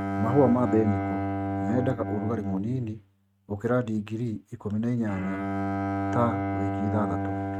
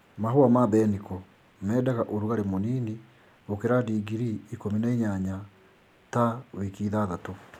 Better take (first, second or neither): second